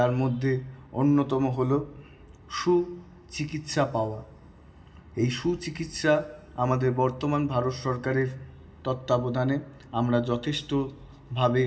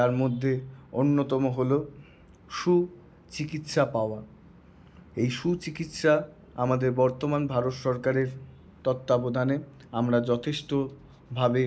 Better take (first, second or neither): second